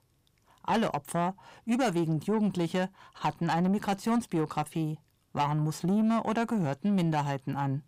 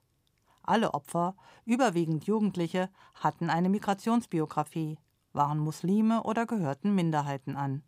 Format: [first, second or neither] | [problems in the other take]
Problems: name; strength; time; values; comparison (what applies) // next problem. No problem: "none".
second | distortion; slight; 10 dB below the speech